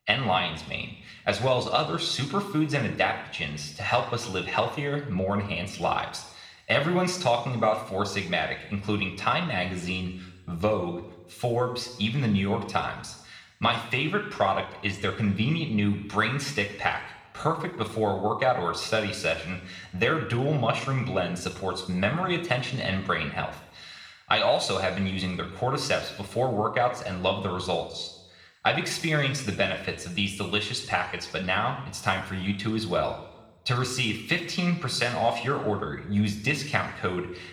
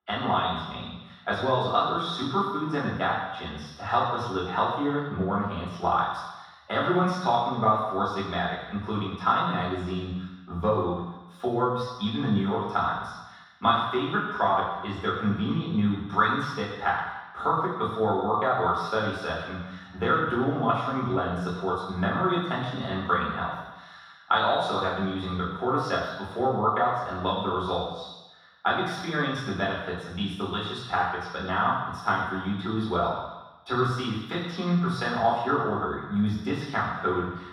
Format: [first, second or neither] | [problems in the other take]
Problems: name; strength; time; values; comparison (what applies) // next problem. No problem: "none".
first | room echo; strong; dies away in 1.2 s; slight in the first // off-mic speech; far